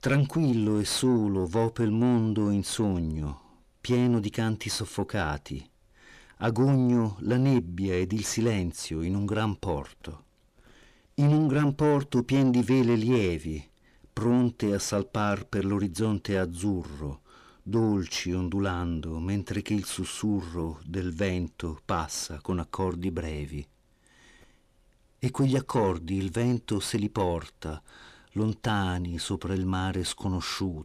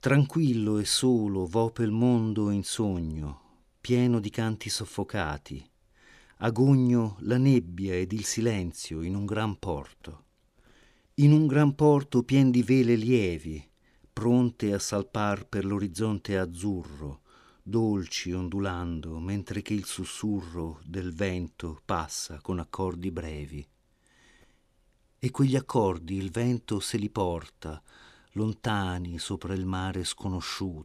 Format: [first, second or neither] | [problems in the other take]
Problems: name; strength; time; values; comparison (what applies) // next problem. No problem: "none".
second | distortion; slight; 10 dB below the speech